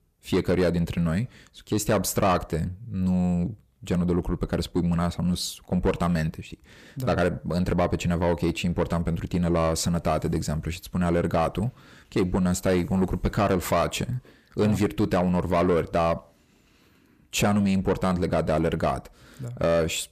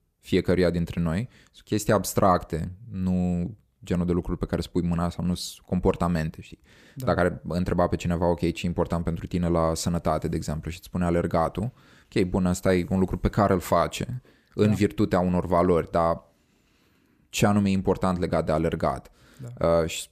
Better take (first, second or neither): second